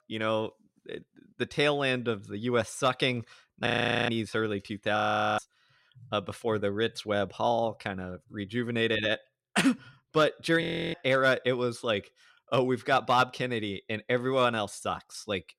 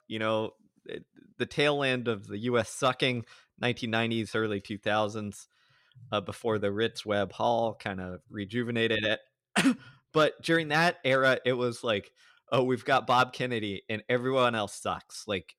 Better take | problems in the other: second | audio freezing; at 3.5 s, at 5 s and at 11 s

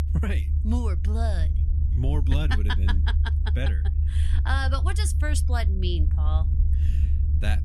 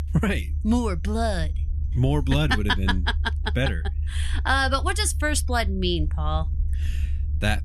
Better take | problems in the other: second | low rumble; loud; throughout; 9 dB below the speech; faint in the second

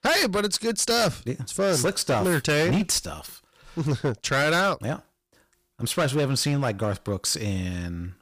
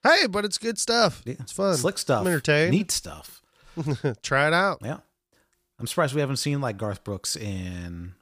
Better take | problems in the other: second | distortion; heavy; 12% of the sound clipped

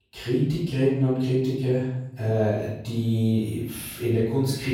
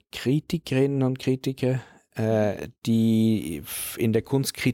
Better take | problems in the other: second | off-mic speech; far // room echo; noticeable; dies away in 0.7 s

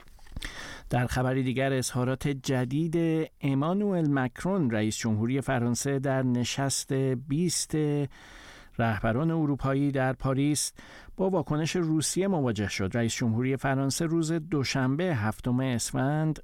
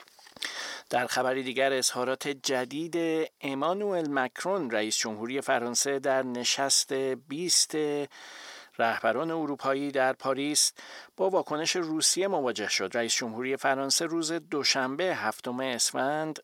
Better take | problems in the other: first | thin; somewhat; fading below 500 Hz

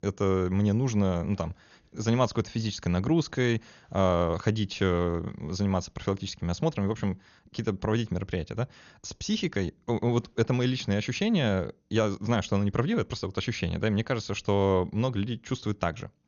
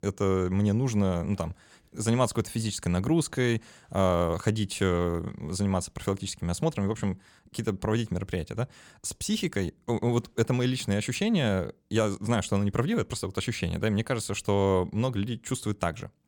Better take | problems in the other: second | garbled, watery; slightly; nothing above 6.5 kHz

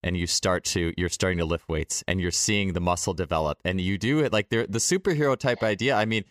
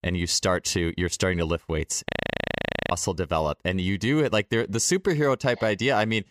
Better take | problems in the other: first | audio freezing; at 2 s for 1 s

